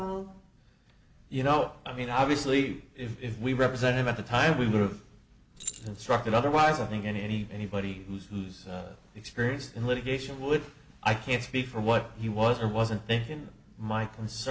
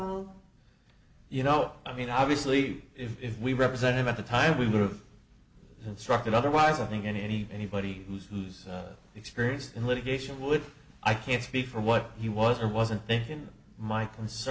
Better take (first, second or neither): second